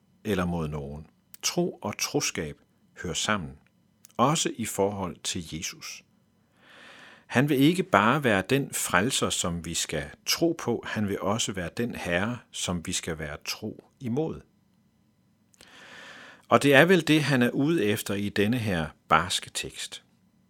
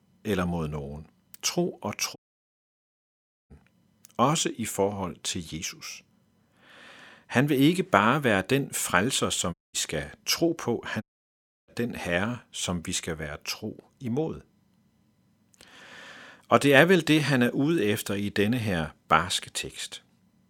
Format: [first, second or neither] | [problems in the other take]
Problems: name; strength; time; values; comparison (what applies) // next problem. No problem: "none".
first | audio cutting out; at 2 s for 1.5 s, at 9.5 s and at 11 s for 0.5 s